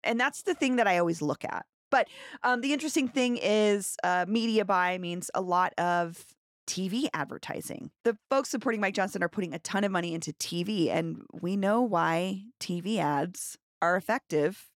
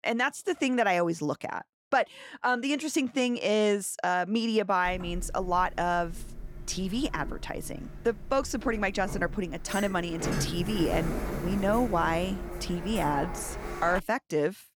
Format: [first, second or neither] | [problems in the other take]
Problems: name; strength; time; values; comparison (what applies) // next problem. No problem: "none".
first | door banging; noticeable; from 5 to 14 s; peak 2 dB below the speech